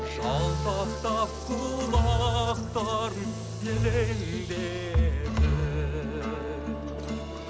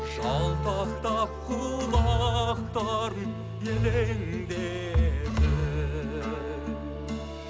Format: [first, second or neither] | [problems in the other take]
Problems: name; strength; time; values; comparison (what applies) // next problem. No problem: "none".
second | background sound (Brass instrument + Toilet flush); 18 dB below the speech